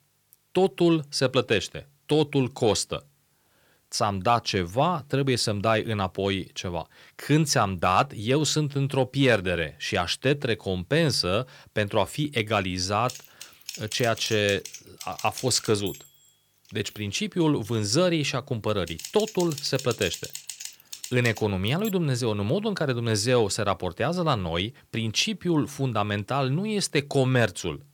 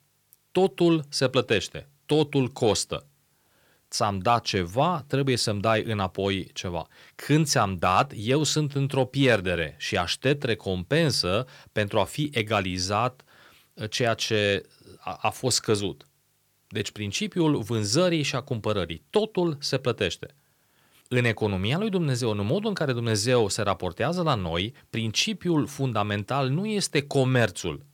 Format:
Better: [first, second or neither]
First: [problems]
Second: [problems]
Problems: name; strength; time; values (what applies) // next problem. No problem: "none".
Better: second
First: keyboard typing; noticeable; from 13 to 22 s; peak 10 dB below the speech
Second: none